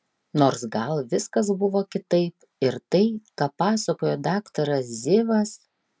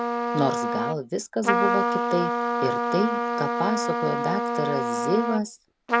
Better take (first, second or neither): first